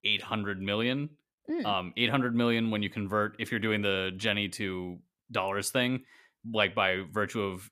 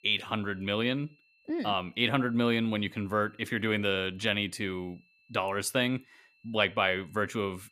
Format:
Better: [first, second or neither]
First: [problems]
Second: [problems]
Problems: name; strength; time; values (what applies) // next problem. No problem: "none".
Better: first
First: none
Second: high-pitched whine; faint; throughout; 2.5 kHz, 35 dB below the speech